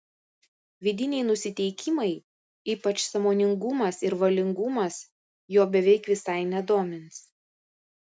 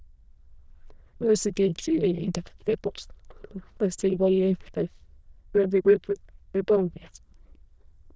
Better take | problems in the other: first | noise reduction (neural diffusion model UNIVERSE++)

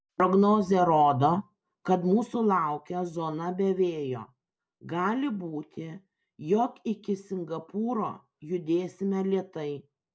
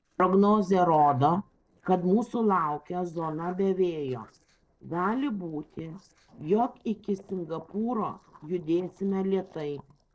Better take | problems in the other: first | noise reduction (neural separator model SepFormer DNS4)

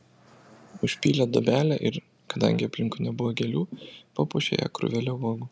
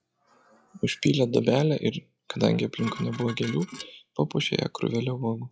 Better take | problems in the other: first | noise reduction (classical method log-MMSE)

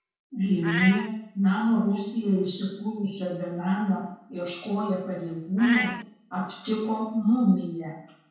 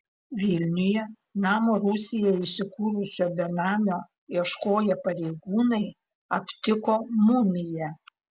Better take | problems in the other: second | background sound (Meow); 12 dB below the speech // room echo; dies away in 0.6 s

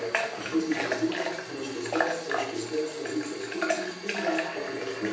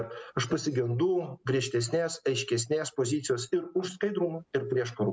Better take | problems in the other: second | background sound (Water tap, faucet / Water); 1 dB below the speech // room echo; dies away in 1.1 s

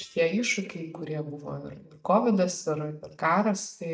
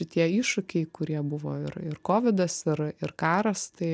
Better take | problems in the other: second | noise reduction (neural mask model DeepFilterNet 3)

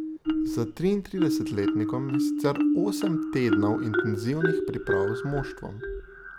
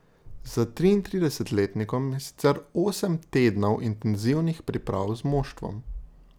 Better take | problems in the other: second | background sound (Marimba, xylophone); 2 dB above the speech

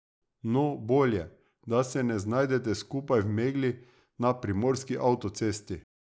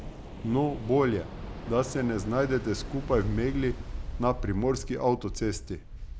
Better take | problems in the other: first | background sound (Waves, surf); 8 dB below the speech

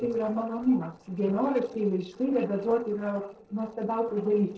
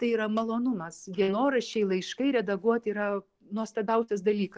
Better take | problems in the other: second | noise reduction (neural separator model SepFormer DNS4)

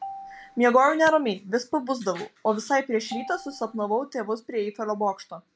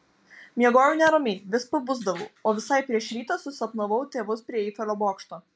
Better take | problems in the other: second | background sound (Marimba, xylophone); 19 dB below the speech

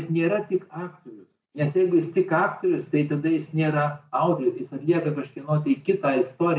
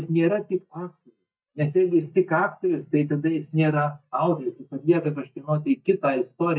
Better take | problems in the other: first | noise reduction (neural mask model DeepFilterNet 3)

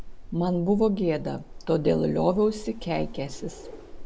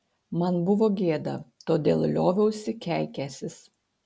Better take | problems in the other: second | background sound (Wind); 12 dB below the speech

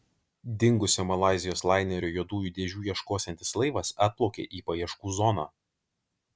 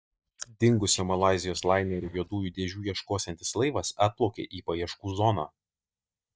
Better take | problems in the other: first | noise reduction (neural mask model DeepFilterNet 3)

